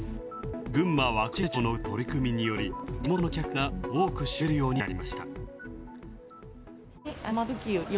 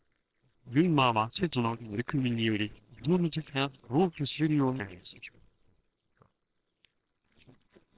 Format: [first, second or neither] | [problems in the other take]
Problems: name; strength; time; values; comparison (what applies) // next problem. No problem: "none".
first | noise reduction (neural separator model SepFormer WHAMR!)